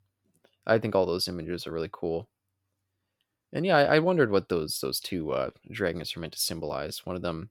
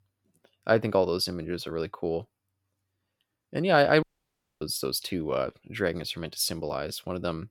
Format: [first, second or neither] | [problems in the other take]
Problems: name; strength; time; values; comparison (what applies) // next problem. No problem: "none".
first | audio cutting out; at 4 s for 0.5 s